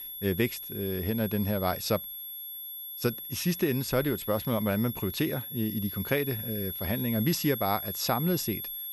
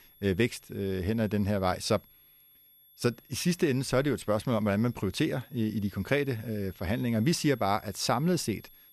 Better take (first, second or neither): second